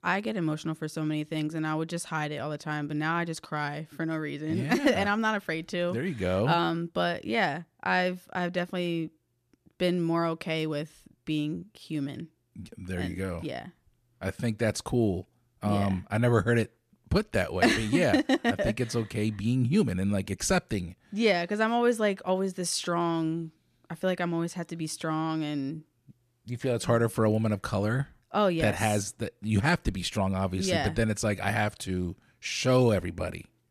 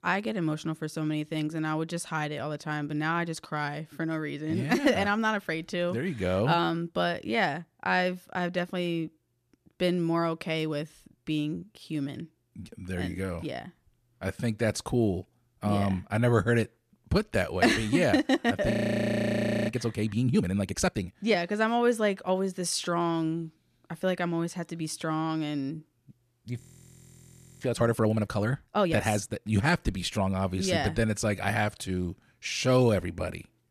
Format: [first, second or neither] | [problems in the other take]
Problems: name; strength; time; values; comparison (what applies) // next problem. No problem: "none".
first | audio freezing; at 19 s for 1 s and at 27 s for 1 s